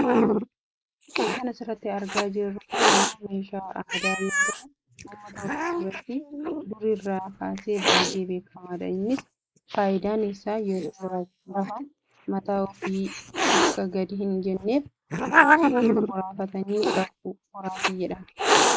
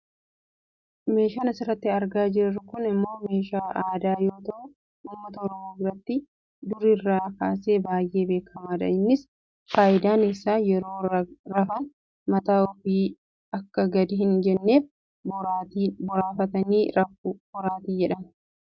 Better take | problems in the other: second | noise reduction (neural mask model Resemble Enhance denoiser)

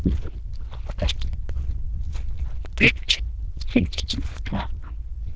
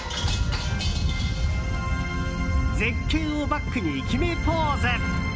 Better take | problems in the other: second | noise reduction (neural diffusion model UNIVERSE++)

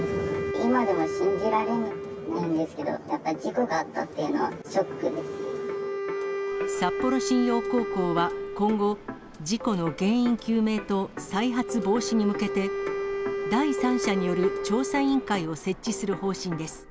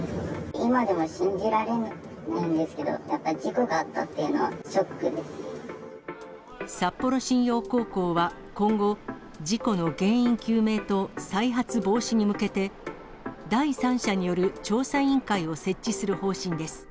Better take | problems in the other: second | background sound (Wind instrument, woodwind instrument); 6 dB below the speech

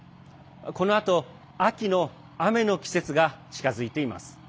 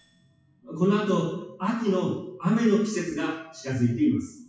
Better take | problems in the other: first | noise reduction (classical method WPE with log-MMSE)

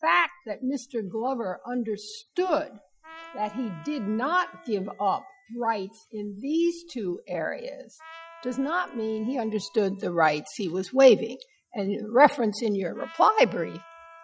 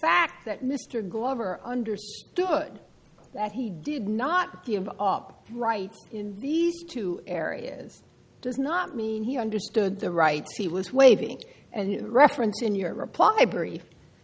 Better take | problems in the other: second | noise reduction (classical method Wiener filter)

